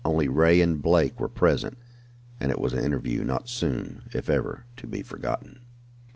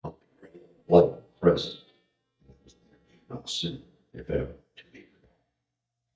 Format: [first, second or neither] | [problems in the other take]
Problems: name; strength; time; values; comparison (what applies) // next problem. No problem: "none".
first | noise reduction (neural mask model DeepFilterNet 3)